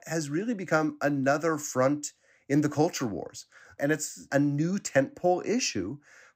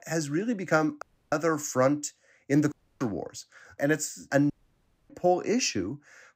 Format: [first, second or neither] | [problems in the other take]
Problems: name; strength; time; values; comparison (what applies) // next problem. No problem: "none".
first | audio cutting out; at 1 s, at 2.5 s and at 4.5 s for 0.5 s